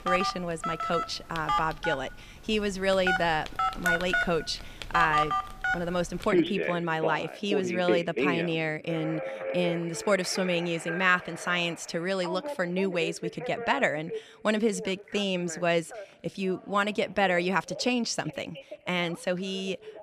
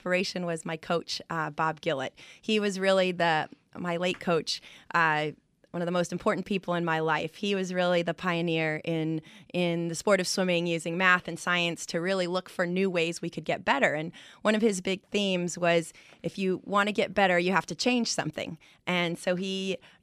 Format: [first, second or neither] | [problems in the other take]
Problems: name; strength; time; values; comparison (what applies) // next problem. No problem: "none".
second | alarms or sirens; loud; throughout; 3 dB below the speech